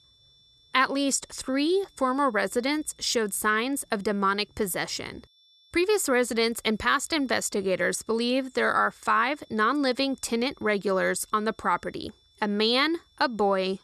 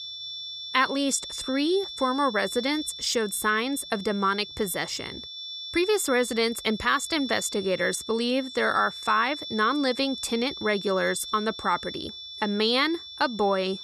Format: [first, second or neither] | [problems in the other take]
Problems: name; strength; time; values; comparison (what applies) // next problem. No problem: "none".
first | high-pitched whine; loud; throughout; 3.5 kHz, 10 dB below the speech; faint in the first